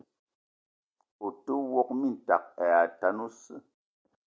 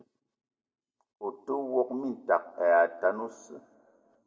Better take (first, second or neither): first